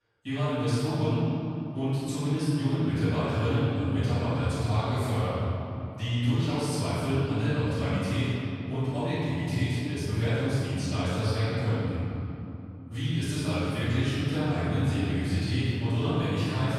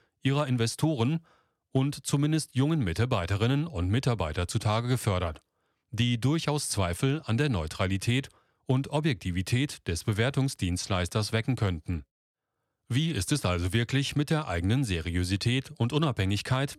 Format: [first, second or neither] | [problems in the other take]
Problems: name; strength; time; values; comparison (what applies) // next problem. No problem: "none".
second | off-mic speech; far // room echo; strong; dies away in 2.9 s